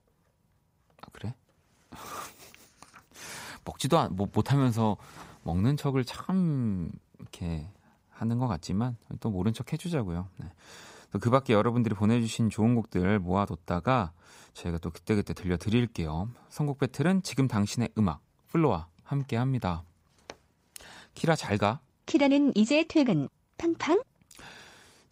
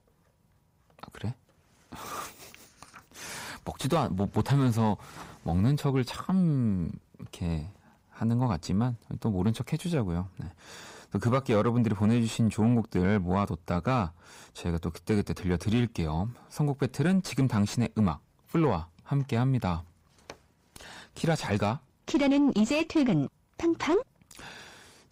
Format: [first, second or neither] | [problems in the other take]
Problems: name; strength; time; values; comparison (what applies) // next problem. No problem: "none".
first | distortion; slight; 10 dB below the speech